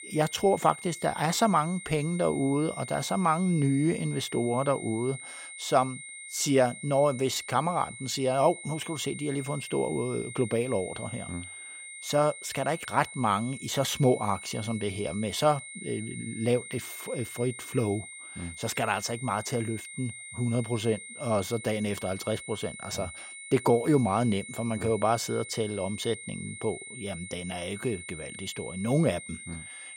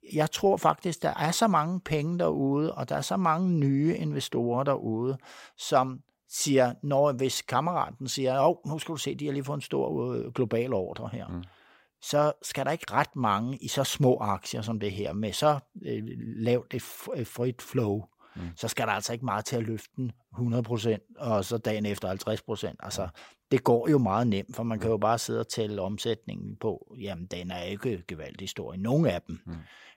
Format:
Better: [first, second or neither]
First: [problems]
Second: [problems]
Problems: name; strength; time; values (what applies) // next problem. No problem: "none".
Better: second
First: high-pitched whine; noticeable; throughout; 2 kHz, 10 dB below the speech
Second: none